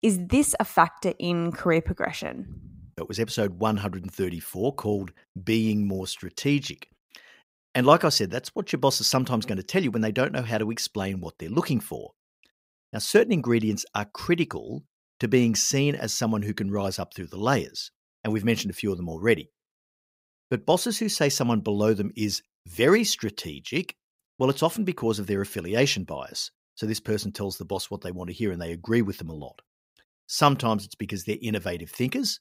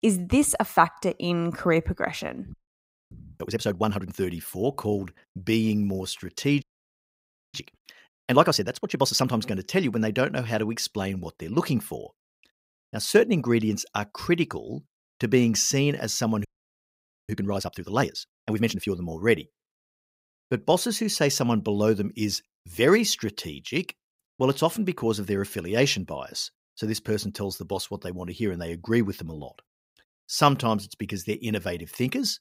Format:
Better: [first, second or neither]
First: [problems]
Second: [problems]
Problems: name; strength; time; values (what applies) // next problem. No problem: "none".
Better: first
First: none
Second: audio freezing; at 2.5 s for 0.5 s, at 6.5 s for 1 s and at 16 s for 1 s